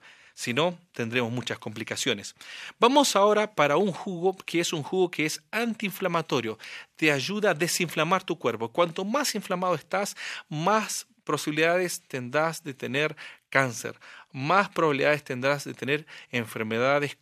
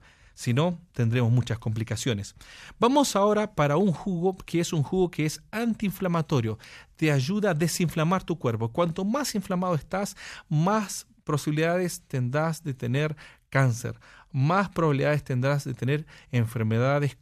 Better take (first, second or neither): second